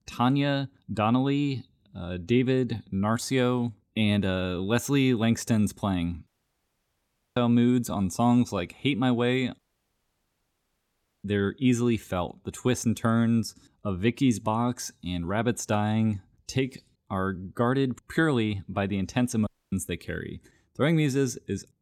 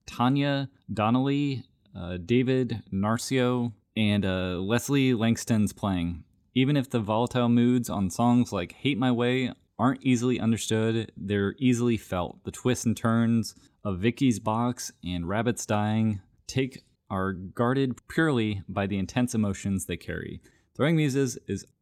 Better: second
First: audio cutting out; at 6.5 s for 1 s, at 9.5 s for 1.5 s and at 19 s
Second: none

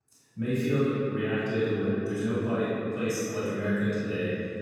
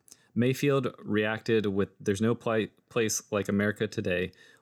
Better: second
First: room echo; strong; dies away in 2.9 s // off-mic speech; far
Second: none

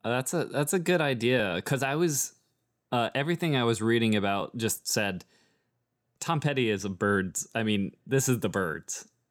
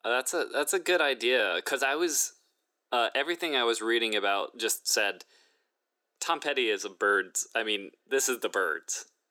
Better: first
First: none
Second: thin; very; fading below 350 Hz

